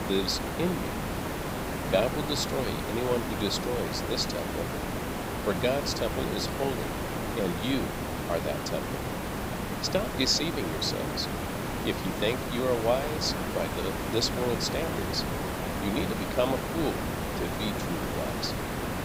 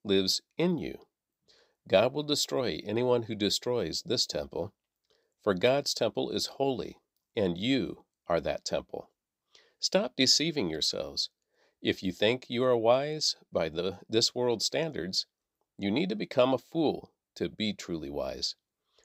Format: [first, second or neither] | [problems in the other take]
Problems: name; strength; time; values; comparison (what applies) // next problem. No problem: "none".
second | hiss; loud; throughout; 1 dB below the speech